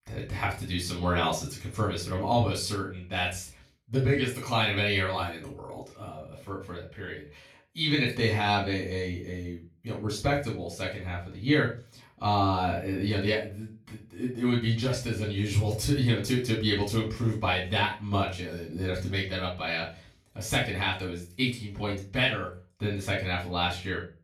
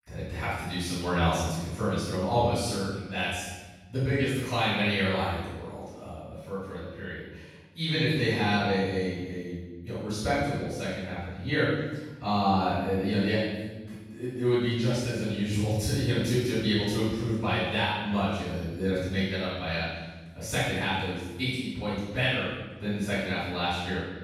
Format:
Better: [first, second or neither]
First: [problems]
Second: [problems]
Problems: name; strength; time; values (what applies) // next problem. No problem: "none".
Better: first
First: room echo; slight; dies away in 0.3 s // off-mic speech; far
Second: room echo; strong; dies away in 1.1 s // off-mic speech; far